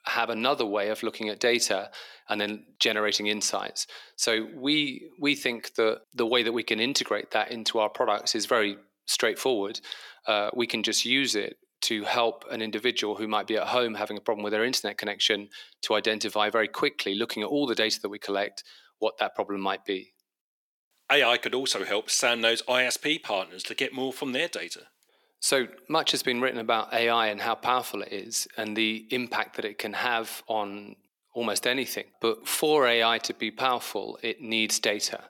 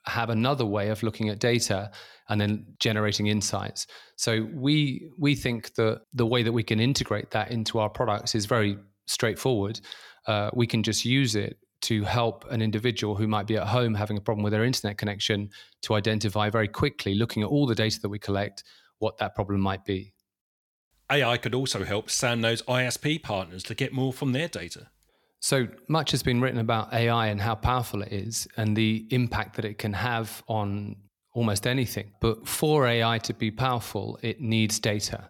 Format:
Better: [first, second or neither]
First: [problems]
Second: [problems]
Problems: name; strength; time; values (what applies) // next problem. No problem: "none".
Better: second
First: thin; somewhat; fading below 300 Hz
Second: none